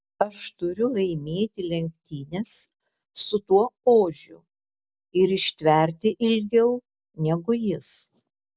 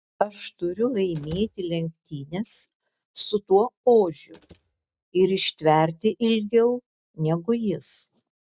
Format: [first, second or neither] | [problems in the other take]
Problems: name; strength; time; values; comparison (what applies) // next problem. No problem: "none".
first | noise reduction (neural mask model RNNoise)